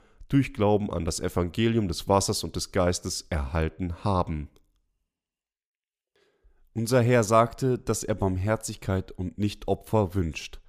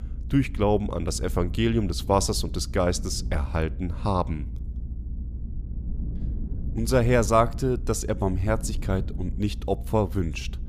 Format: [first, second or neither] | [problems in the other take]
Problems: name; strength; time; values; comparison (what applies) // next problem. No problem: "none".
first | low rumble; faint; throughout; 20 dB below the speech